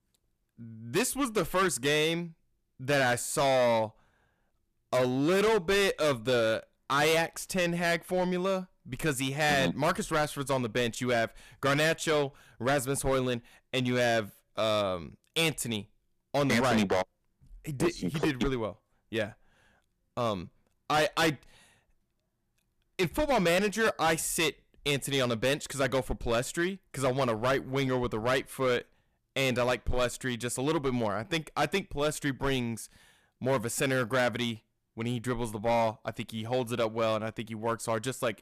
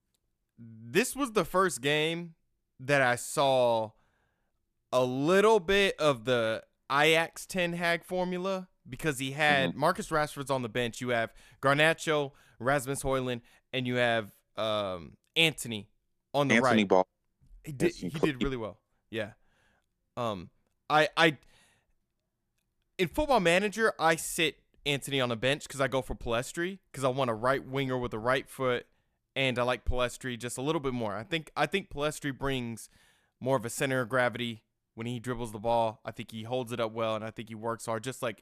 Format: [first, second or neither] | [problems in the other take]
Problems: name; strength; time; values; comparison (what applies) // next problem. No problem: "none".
second | distortion; heavy; 9% of the sound clipped